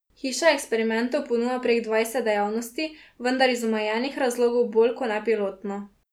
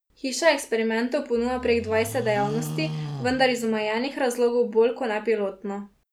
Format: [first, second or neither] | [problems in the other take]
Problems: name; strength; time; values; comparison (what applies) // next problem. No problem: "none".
first | background sound (Livestock, farm animals, working animals); 10 dB below the speech